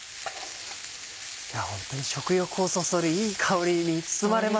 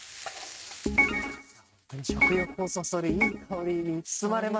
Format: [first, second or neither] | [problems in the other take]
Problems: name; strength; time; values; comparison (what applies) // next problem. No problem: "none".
first | noise reduction (neural mask model RNNoise)